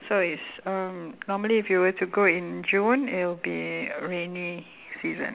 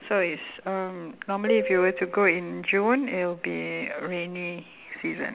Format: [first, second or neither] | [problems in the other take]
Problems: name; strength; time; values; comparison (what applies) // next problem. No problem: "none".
first | background sound (Marimba, xylophone); 9 dB below the speech